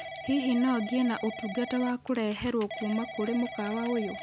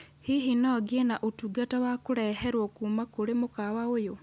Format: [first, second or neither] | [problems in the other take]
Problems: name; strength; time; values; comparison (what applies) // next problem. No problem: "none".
second | background sound (Telephone / Typing); 11 dB below the speech